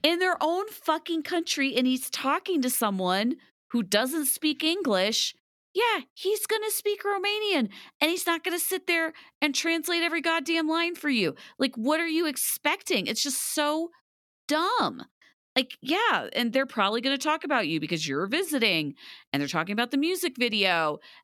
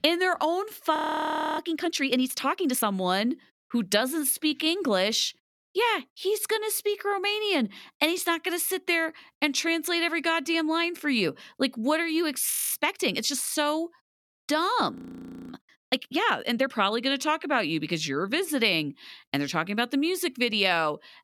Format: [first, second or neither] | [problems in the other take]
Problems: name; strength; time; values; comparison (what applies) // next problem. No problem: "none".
first | audio freezing; at 1 s for 0.5 s, at 13 s and at 15 s for 0.5 s